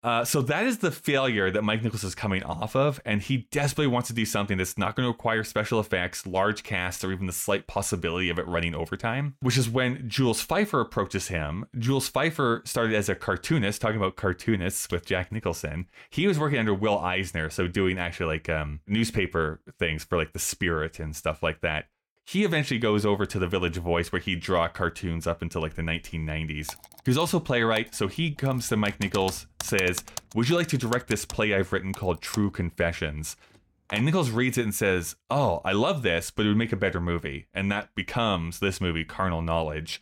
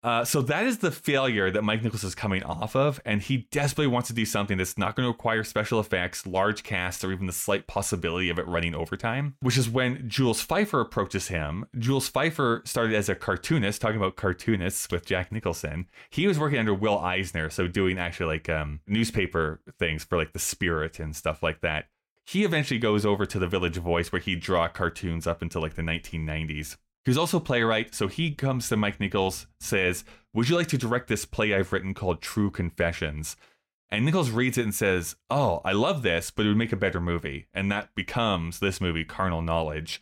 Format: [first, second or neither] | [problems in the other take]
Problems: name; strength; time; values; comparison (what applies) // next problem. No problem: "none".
second | keyboard typing; noticeable; from 27 to 34 s; peak 9 dB below the speech